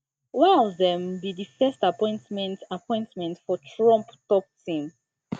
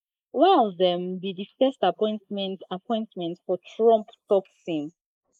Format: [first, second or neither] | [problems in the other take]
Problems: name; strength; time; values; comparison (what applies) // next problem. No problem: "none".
first | noise reduction (neural mask model Resemble Enhance denoiser)